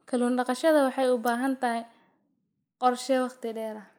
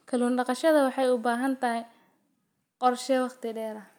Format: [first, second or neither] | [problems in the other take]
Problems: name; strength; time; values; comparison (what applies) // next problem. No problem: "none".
second | noise reduction (neural mask model Resemble Enhance denoiser)